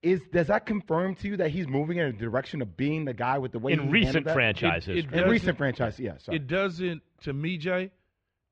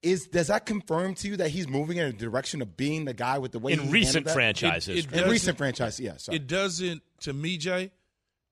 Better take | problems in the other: second | muffled; very; fading above 2.5 kHz

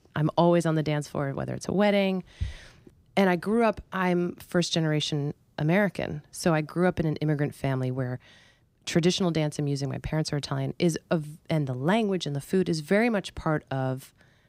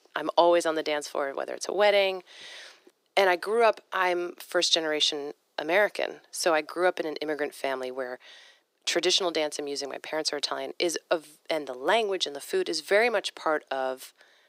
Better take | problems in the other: first | thin; very; fading below 400 Hz

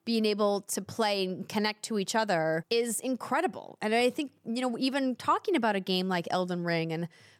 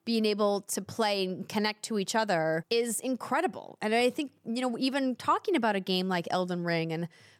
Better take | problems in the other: neither | none

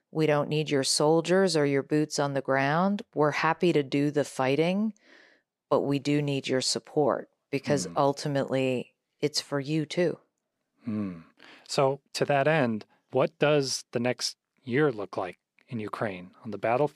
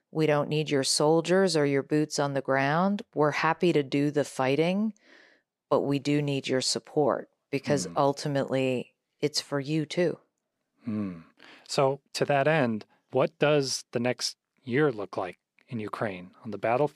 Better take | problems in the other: neither | none

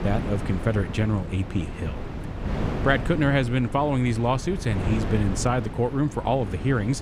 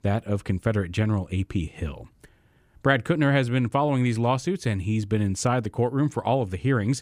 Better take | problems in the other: second | wind noise on the microphone; heavy; 10 dB below the speech

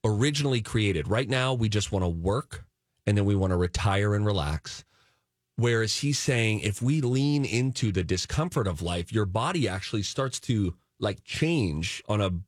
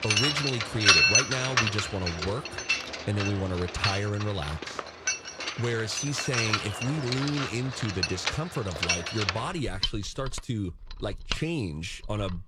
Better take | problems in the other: first | machinery noise; very loud; throughout; 4 dB above the speech

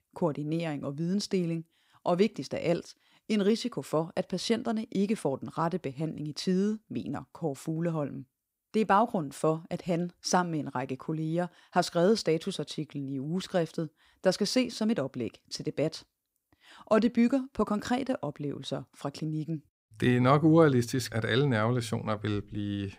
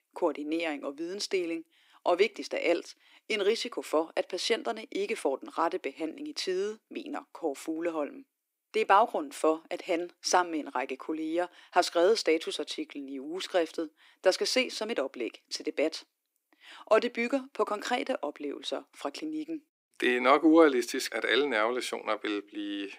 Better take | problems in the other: first | thin; somewhat; fading below 300 Hz

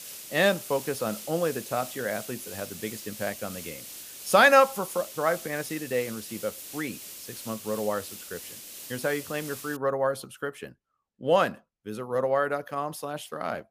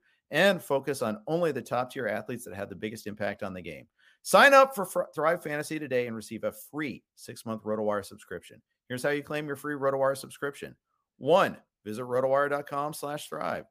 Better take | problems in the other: second | hiss; noticeable; until 10 s; 10 dB below the speech

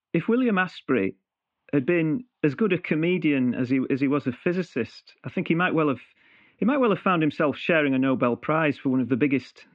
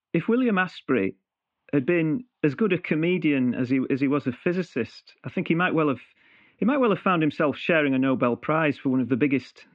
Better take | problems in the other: neither | muffled; very; fading above 3 kHz; the same in both

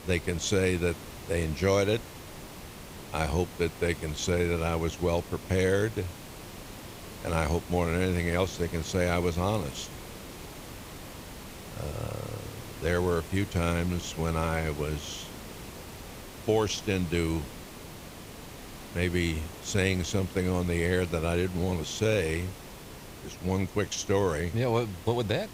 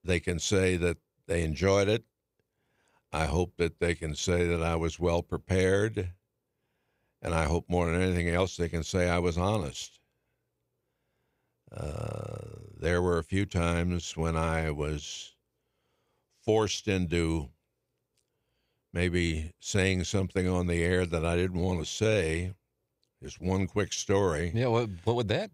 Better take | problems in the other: second | hiss; noticeable; throughout; 15 dB below the speech

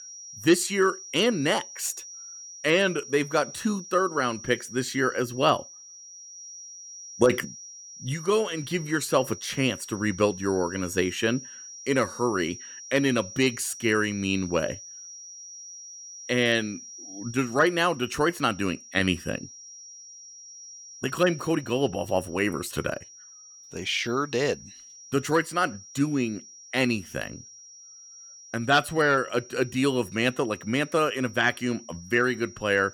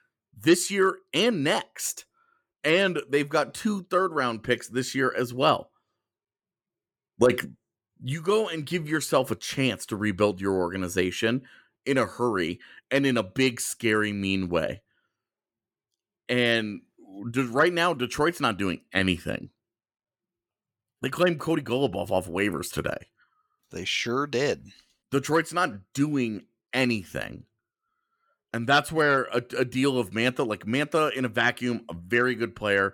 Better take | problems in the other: second | high-pitched whine; noticeable; throughout; 5.5 kHz, 15 dB below the speech

